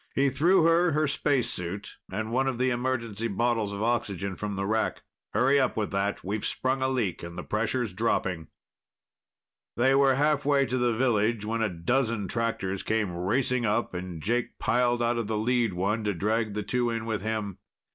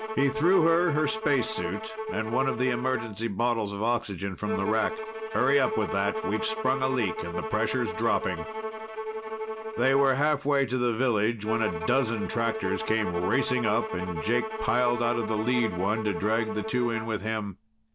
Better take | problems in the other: first | background sound (Bowed string instrument); 7 dB below the speech

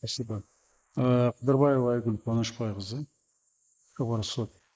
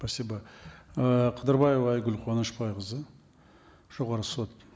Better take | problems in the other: second | noise reduction (neural mask model Resemble Enhance denoiser)

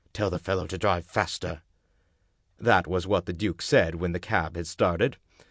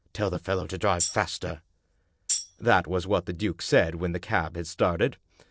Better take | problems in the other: first | noise reduction (neural separator model SepFormer DNS4)

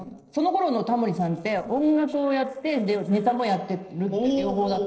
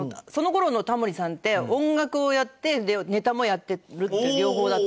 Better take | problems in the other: second | noise reduction (neural separator model SepFormer DNS4)

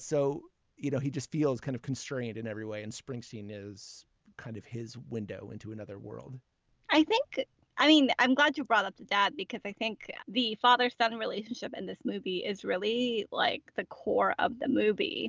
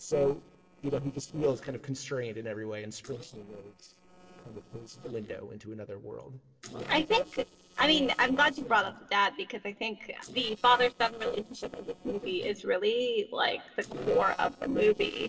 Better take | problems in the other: first | noise reduction (neural separator model SepFormer DNS4)

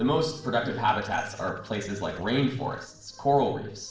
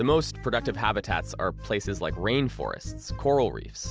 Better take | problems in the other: second | noise reduction (neural separator model SepFormer DNS4)

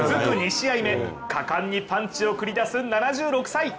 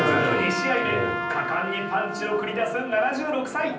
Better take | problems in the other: first | background sound (Trumpet); 5 dB below the speech // room echo; dies away in 0.6 s

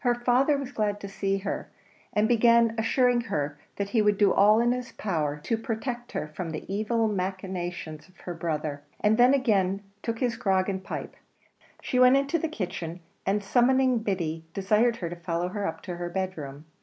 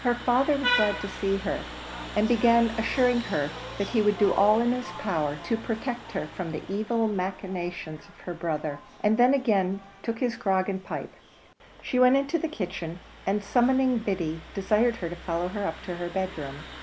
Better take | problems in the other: first | background sound (Vehicle horn, car horn, honking); 12 dB below the speech

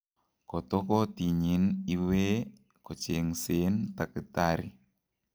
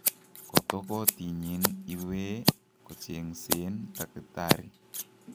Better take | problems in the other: first | background sound (Scissors); 4 dB above the speech

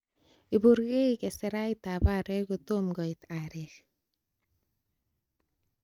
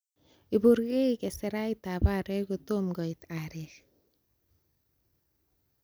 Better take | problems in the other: second | noise reduction (neural mask model RNNoise)

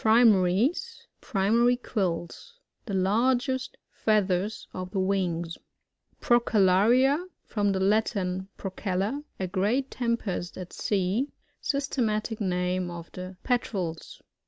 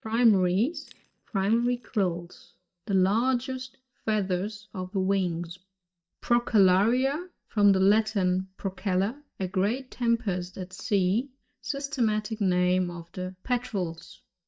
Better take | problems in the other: first | noise reduction (neural mask model DeepFilterNet 3)

